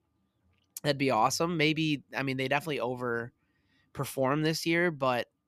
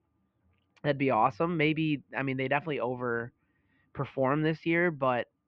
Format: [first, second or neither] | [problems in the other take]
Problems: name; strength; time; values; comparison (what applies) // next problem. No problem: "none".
first | muffled; very; fading above 2.5 kHz